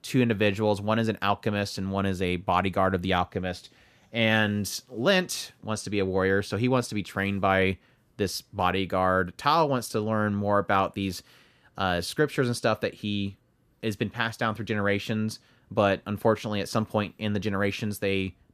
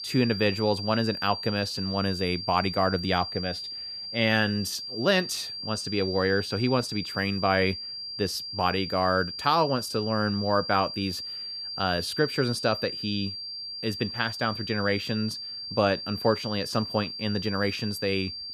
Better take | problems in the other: first | high-pitched whine; loud; throughout; 4.5 kHz, 6 dB below the speech

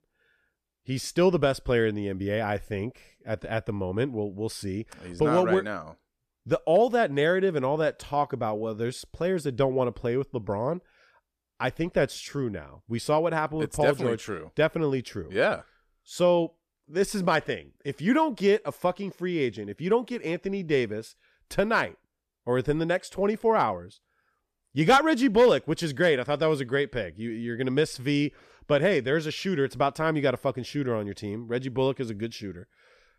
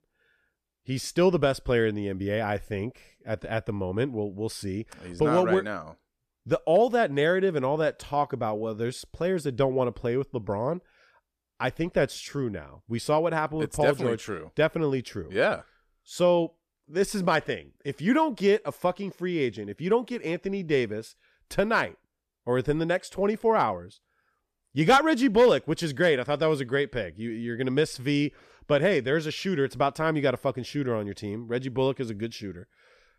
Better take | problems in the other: neither | none

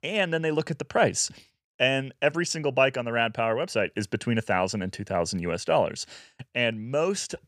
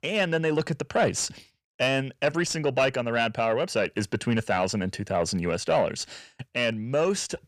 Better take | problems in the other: first | distortion; slight; 10 dB below the speech

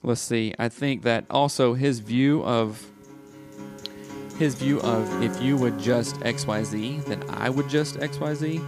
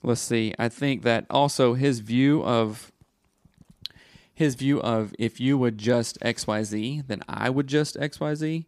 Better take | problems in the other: second | background music; loud; throughout; 9 dB below the speech

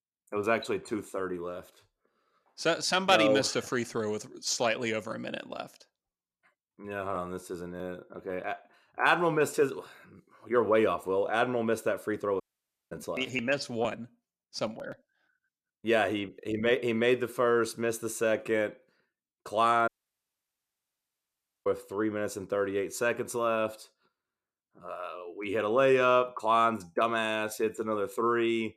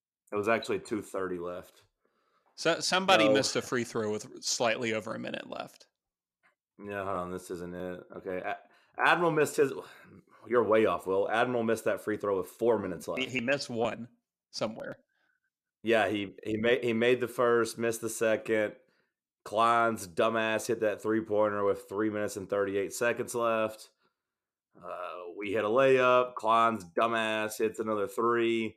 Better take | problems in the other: second | audio cutting out; at 12 s for 0.5 s and at 20 s for 2 s

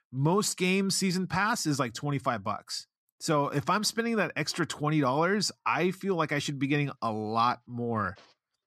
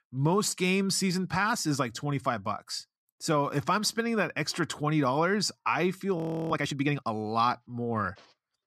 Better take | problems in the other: first | audio freezing; at 6 s

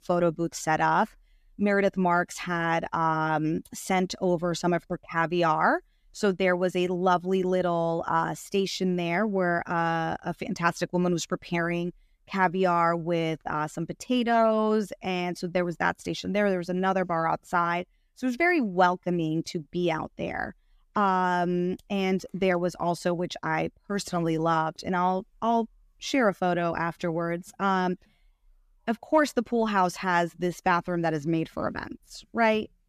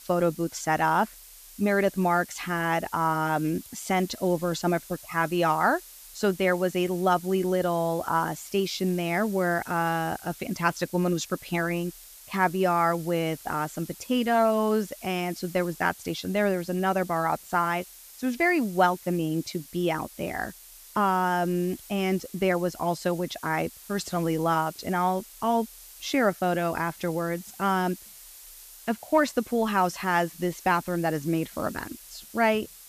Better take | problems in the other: first | hiss; noticeable; throughout; 20 dB below the speech

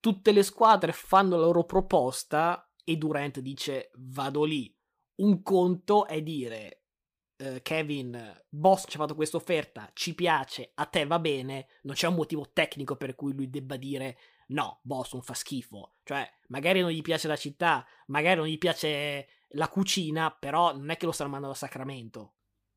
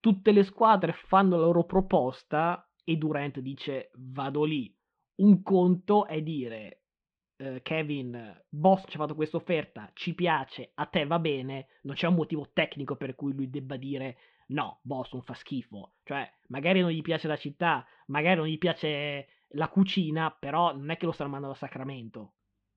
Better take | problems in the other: first | muffled; very; fading above 3 kHz

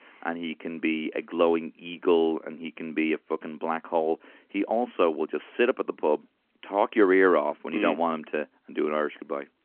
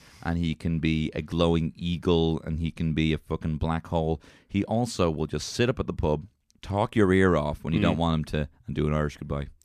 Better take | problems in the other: second | phone-call audio

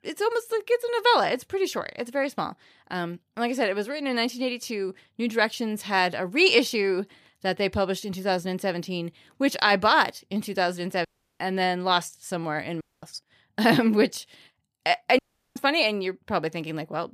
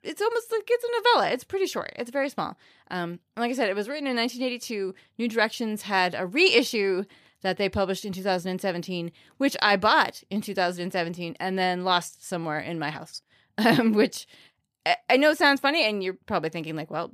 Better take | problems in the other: second | audio cutting out; at 11 s, at 13 s and at 15 s

